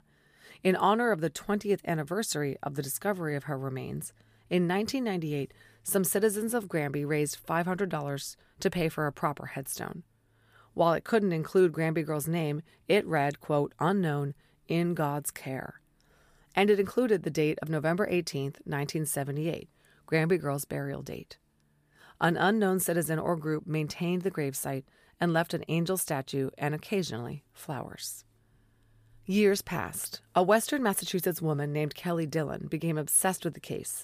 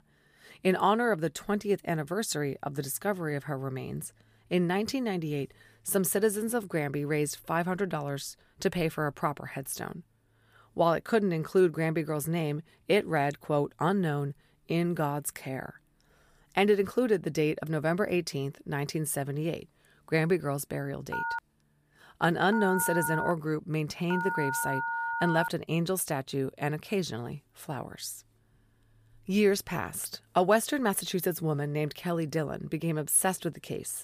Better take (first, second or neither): first